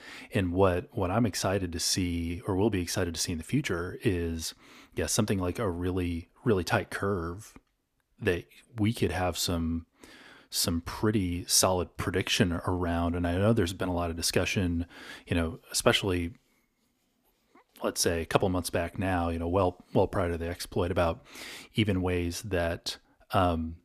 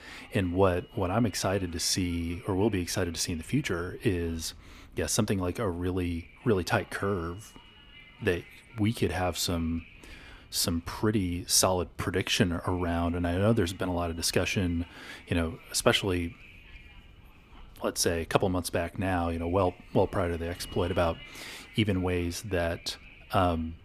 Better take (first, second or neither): first